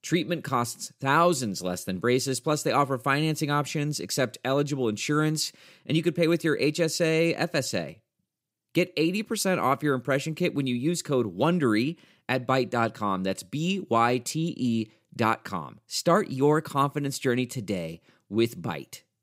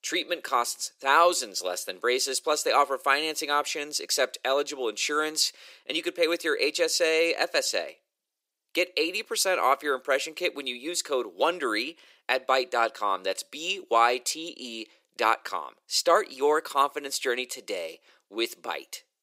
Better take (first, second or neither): first